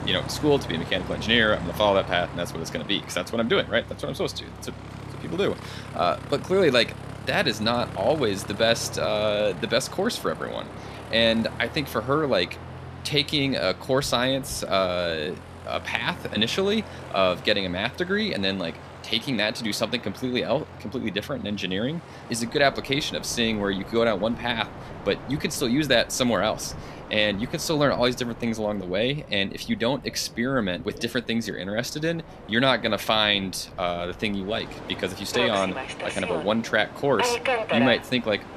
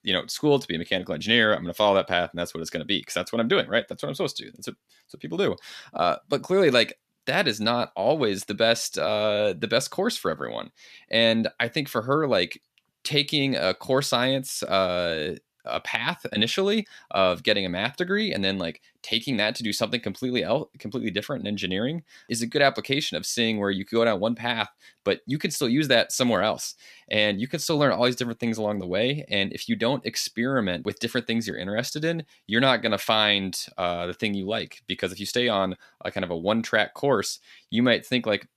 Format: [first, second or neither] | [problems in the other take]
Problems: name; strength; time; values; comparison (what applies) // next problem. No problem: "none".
second | train or aircraft noise; noticeable; throughout; 10 dB below the speech